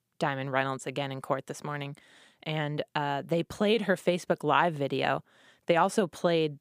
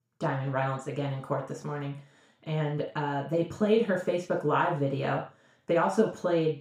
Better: first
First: none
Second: room echo; slight; dies away in 0.4 s // off-mic speech; far

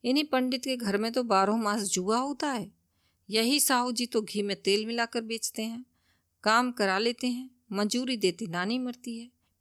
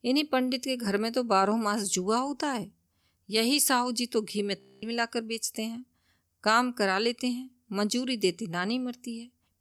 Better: first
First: none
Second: audio freezing; at 4.5 s

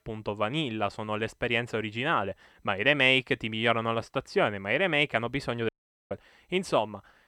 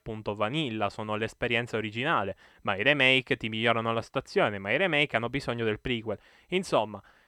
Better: second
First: audio cutting out; at 5.5 s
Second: none

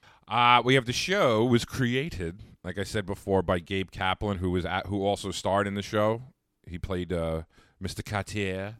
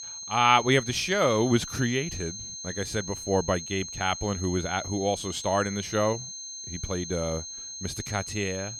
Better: first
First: none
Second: high-pitched whine; loud; throughout; 6.5 kHz, 9 dB below the speech

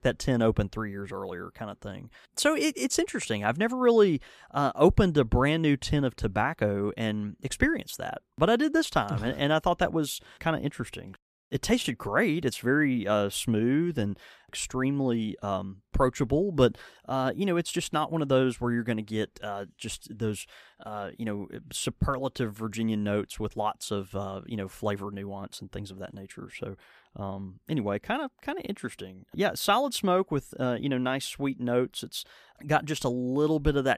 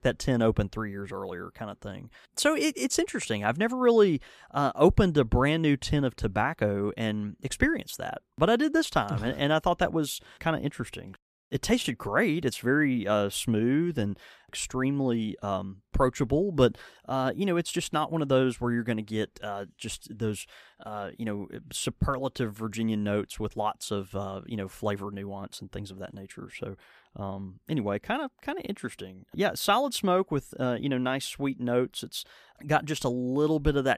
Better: neither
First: none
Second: none

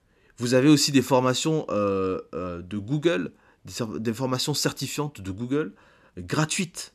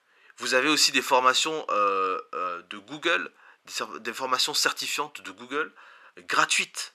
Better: first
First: none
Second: thin; very; fading below 550 Hz

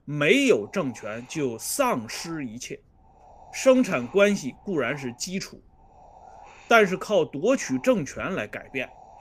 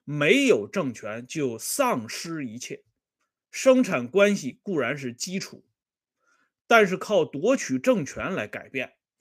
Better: second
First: wind noise on the microphone; occasional gusts; 25 dB below the speech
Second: none

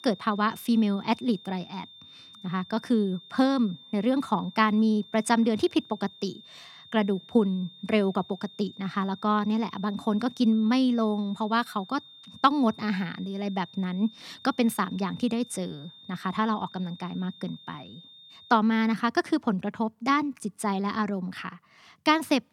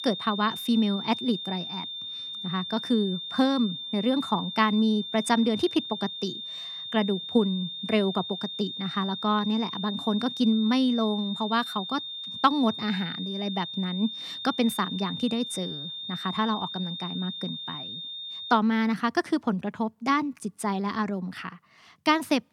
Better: first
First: high-pitched whine; faint; until 19 s; 3.5 kHz, 20 dB below the speech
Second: high-pitched whine; loud; until 19 s; 3.5 kHz, 7 dB below the speech

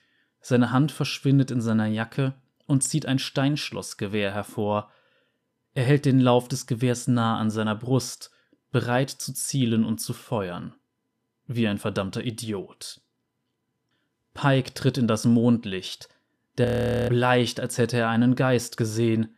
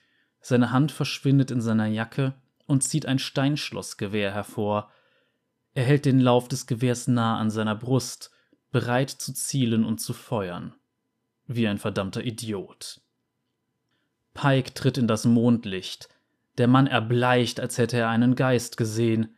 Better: second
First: audio freezing; at 17 s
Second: none

